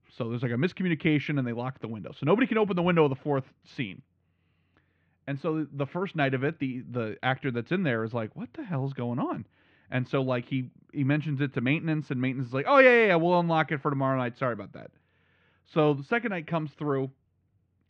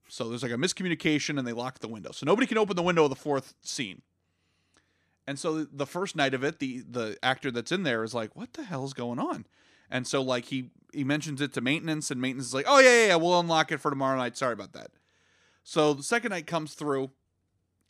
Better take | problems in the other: second | muffled; very; fading above 2.5 kHz

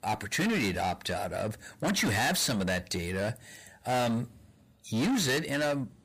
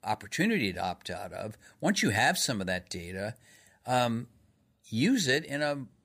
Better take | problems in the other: second | distortion; heavy; 6 dB below the speech

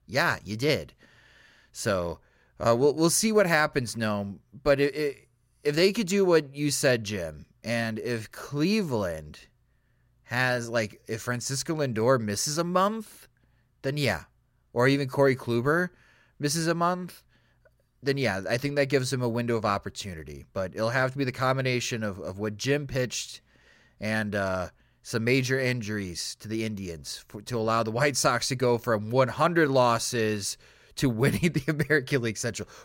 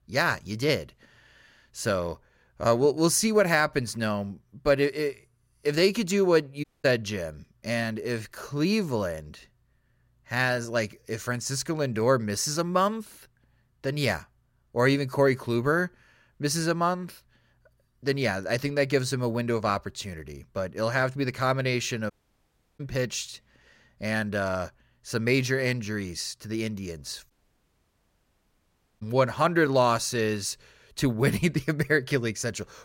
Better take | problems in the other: first | audio cutting out; at 6.5 s, at 22 s for 0.5 s and at 27 s for 1.5 s

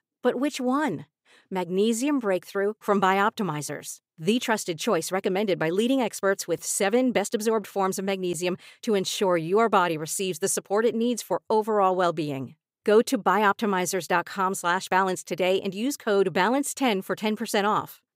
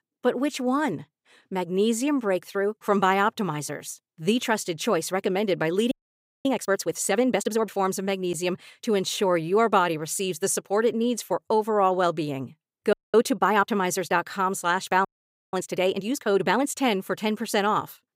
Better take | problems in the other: first | audio freezing; at 6 s for 0.5 s, at 13 s and at 15 s

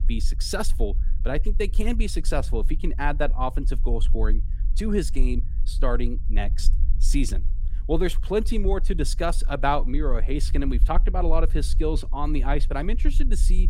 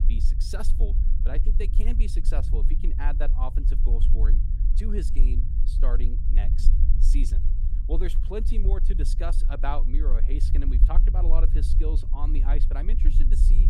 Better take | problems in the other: first | low rumble; loud; throughout; 8 dB below the speech; faint in the first

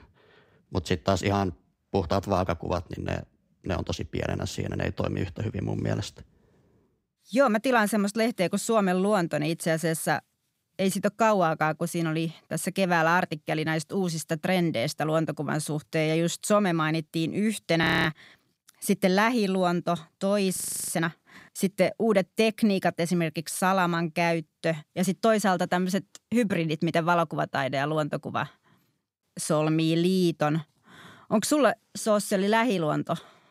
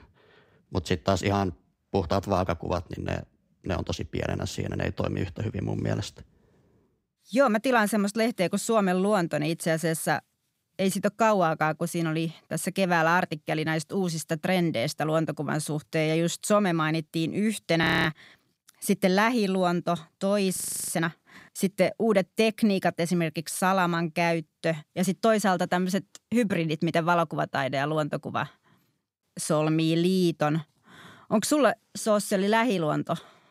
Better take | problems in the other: neither | audio freezing; at 18 s and at 21 s; the same in both

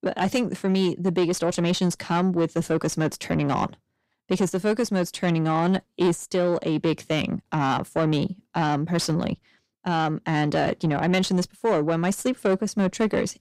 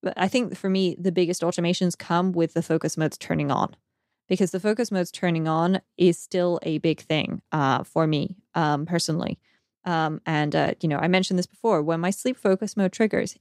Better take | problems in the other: second | distortion; slight; 10 dB below the speech

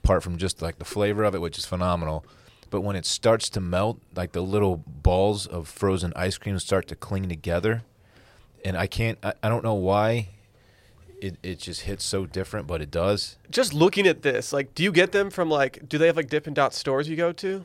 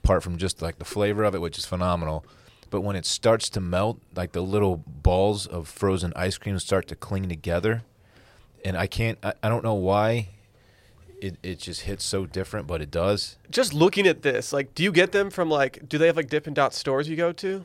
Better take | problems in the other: neither | none

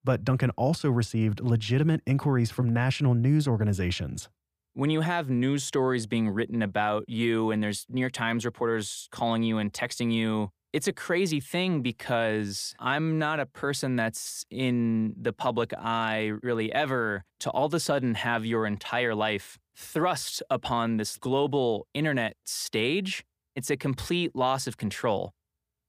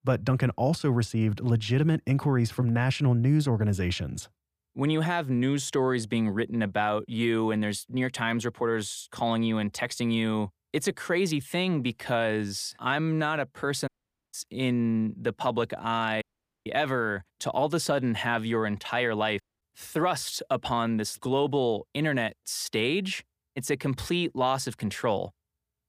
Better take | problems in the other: first | audio cutting out; at 14 s, at 16 s and at 19 s

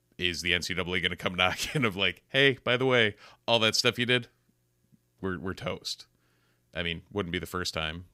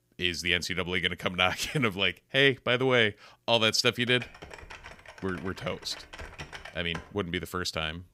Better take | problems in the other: first | keyboard typing; faint; from 4 to 7 s; peak 15 dB below the speech

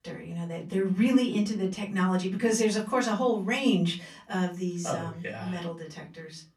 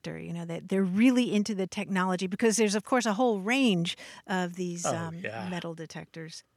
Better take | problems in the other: second | off-mic speech; far // room echo; very slight; dies away in 0.3 s

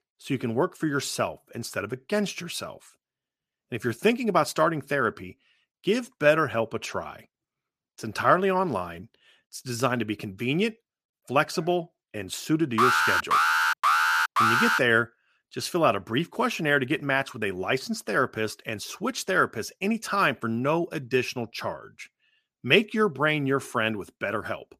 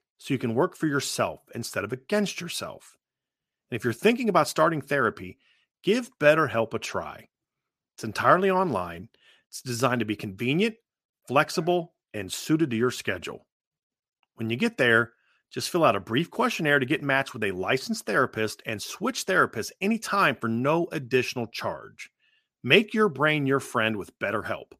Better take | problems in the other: second | alarm; loud; from 13 to 15 s; peak 6 dB above the speech

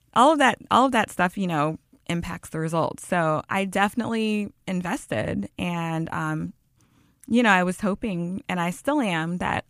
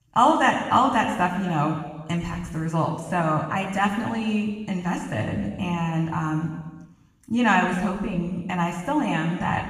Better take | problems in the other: first | room echo; noticeable; dies away in 1.2 s // off-mic speech; far

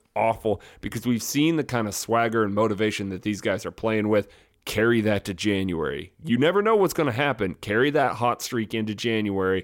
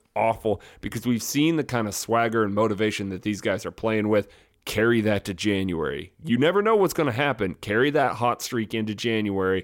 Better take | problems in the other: neither | none

